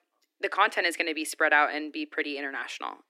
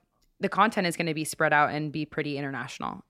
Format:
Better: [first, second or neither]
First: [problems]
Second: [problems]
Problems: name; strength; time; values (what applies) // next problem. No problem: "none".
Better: second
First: thin; somewhat; fading below 300 Hz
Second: none